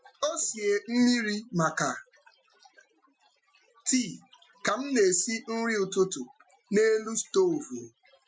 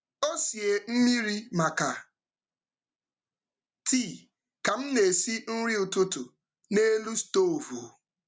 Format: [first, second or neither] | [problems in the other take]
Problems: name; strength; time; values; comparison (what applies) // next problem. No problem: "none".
second | noise reduction (classical method Wiener filter)